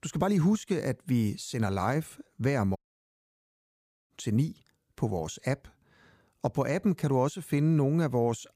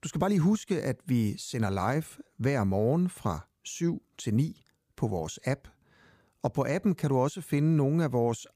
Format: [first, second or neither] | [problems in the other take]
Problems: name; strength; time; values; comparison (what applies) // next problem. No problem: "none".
second | audio cutting out; at 3 s for 1.5 s